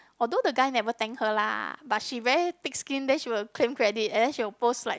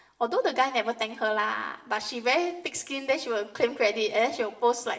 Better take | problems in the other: first | room echo; dies away in 1.4 s

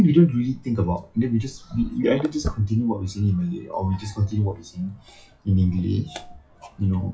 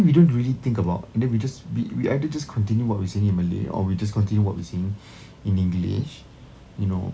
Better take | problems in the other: second | noise reduction (classical method WPE with log-MMSE)

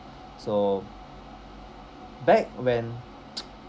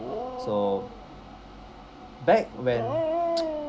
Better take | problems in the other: first | background sound (Dog); 3 dB below the speech

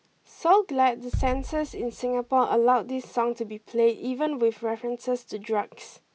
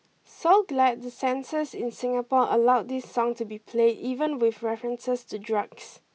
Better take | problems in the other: second | background sound (Bass drum); 11 dB below the speech

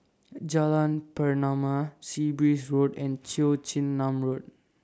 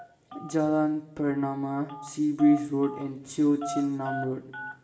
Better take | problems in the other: first | background sound (Telephone); 13 dB below the speech // room echo; dies away in 0.8 s

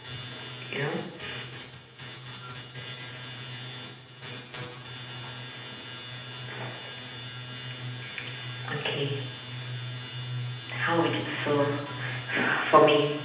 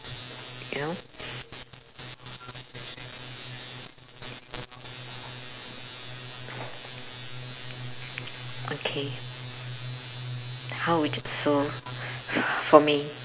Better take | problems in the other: second | room echo; dies away in 0.9 s

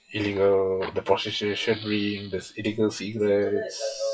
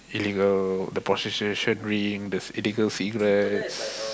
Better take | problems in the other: second | noise reduction (classical method WPE with log-MMSE)

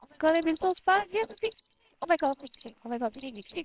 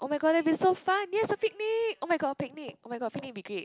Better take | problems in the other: second | noise reduction (neural separator model SepFormer WHAMR!)

